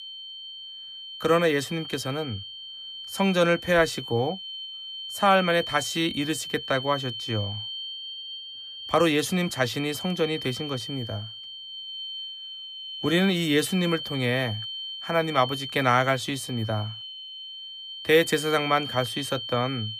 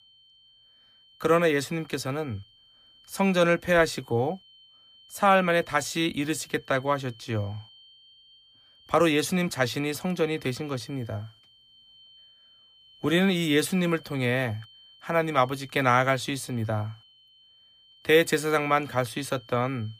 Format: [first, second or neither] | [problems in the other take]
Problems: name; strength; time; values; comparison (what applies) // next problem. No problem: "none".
second | high-pitched whine; loud; throughout; 3 kHz, 9 dB below the speech; faint in the second